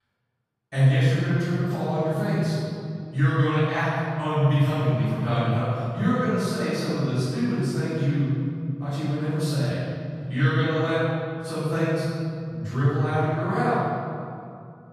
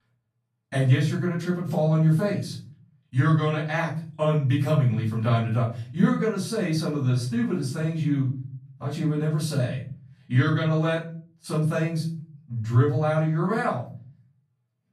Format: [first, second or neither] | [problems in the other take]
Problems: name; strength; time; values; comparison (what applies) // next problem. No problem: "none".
second | room echo; strong; dies away in 2.4 s; slight in the second // off-mic speech; far; far in the second